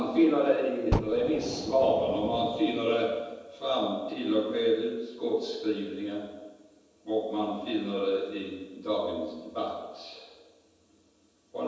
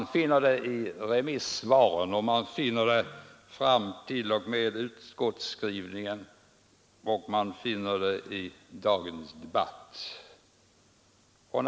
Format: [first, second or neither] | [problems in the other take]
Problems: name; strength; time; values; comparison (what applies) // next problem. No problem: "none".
second | background sound (Fire); 7 dB below the speech // room echo; dies away in 1.1 s